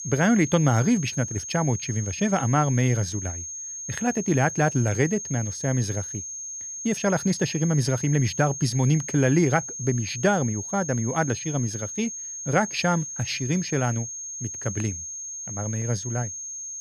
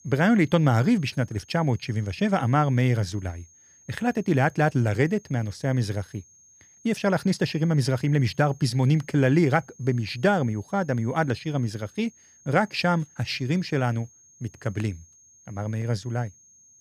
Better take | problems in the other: second | high-pitched whine; loud; throughout; 6.5 kHz, 7 dB below the speech; faint in the second

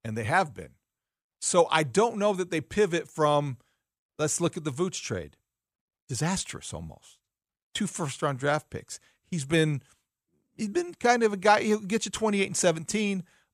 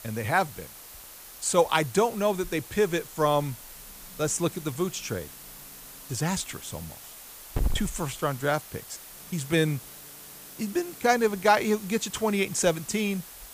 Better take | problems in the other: first | hiss; noticeable; throughout; 15 dB below the speech

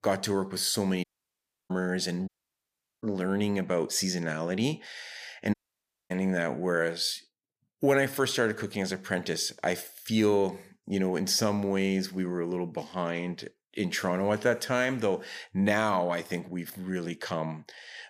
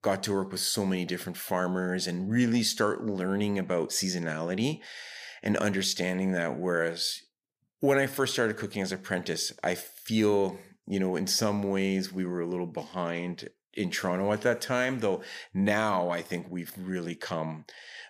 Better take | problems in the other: second | audio cutting out; at 1 s for 0.5 s, at 2.5 s for 0.5 s and at 5.5 s for 0.5 s

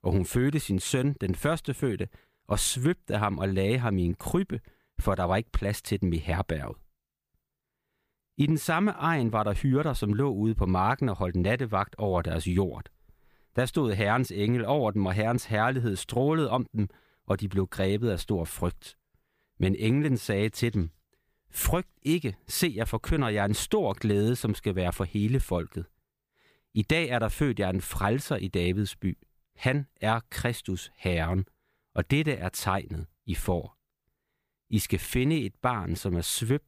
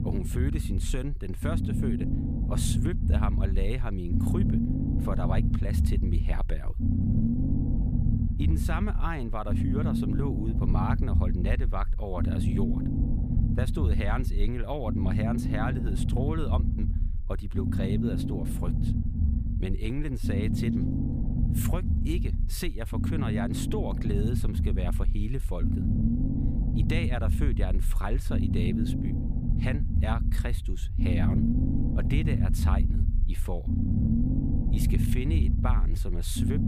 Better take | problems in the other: first | low rumble; loud; throughout; 1 dB below the speech

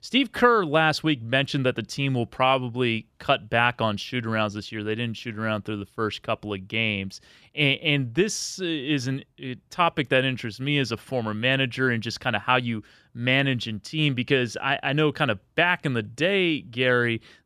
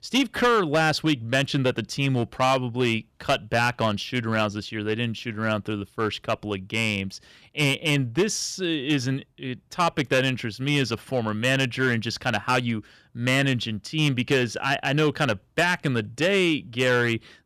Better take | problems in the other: first | distortion; slight; 4% of the sound clipped

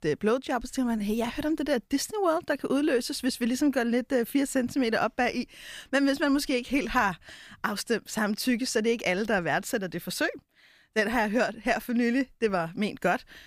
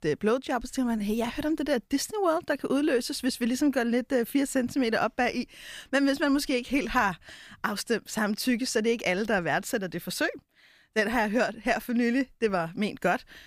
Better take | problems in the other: neither | none

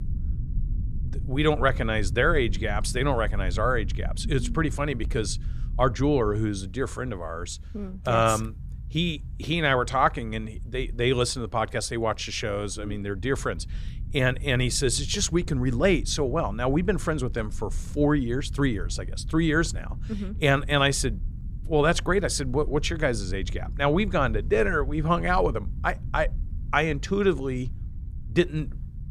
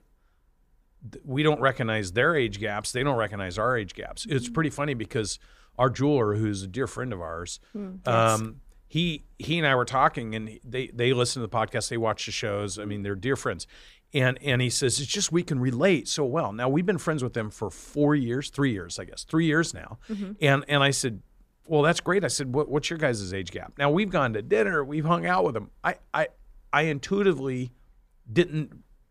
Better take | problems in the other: second | low rumble; faint; throughout; 25 dB below the speech

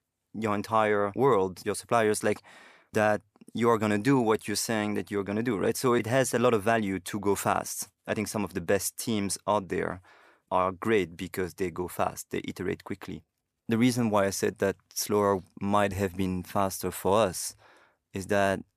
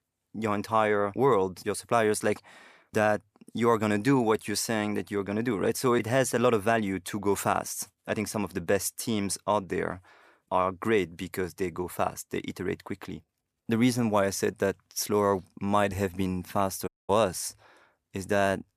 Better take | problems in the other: first | audio cutting out; at 17 s

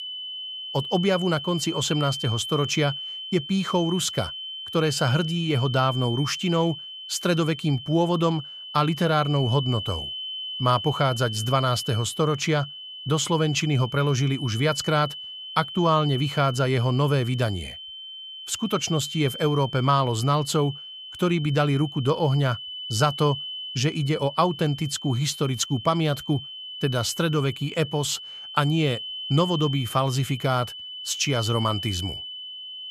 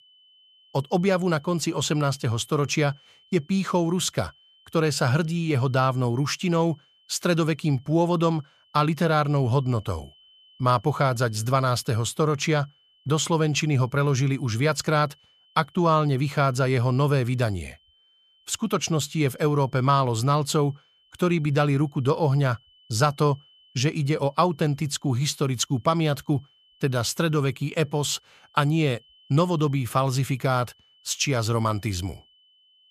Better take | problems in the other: second | high-pitched whine; loud; throughout; 3 kHz, 9 dB below the speech; faint in the second

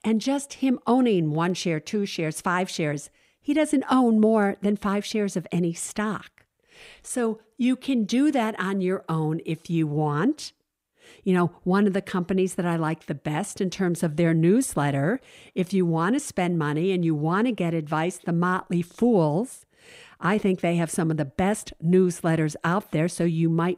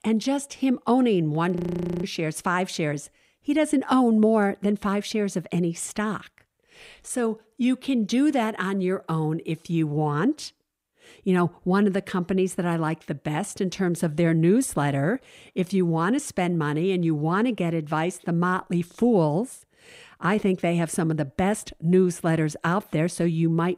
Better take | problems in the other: first | audio freezing; at 1.5 s

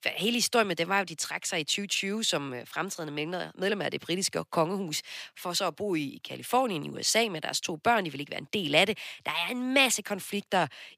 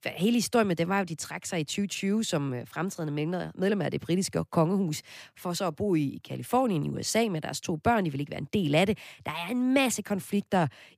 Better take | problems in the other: second | thin; very slightly; fading below 1 kHz

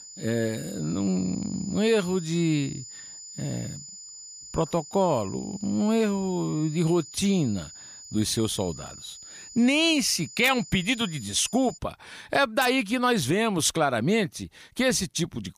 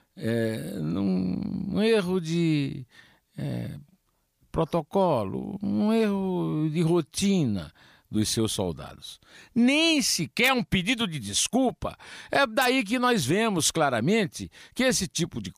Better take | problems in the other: second | high-pitched whine; noticeable; until 12 s; 7 kHz, 15 dB below the speech

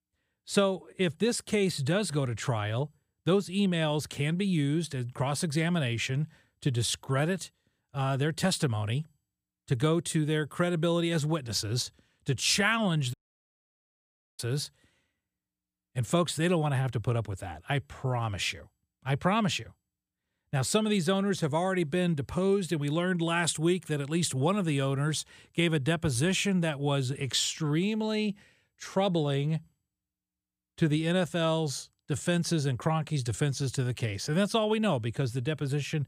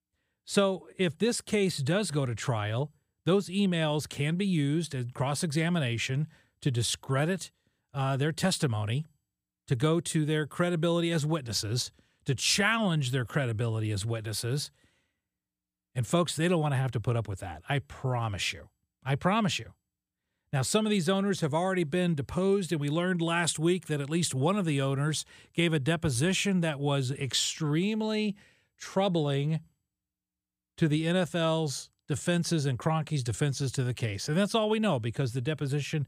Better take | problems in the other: second | audio cutting out; at 13 s for 1.5 s

